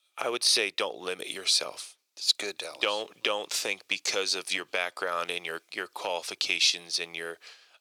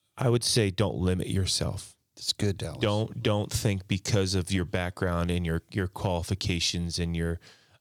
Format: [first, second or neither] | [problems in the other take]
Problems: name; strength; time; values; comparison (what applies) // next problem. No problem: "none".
second | thin; very; fading below 450 Hz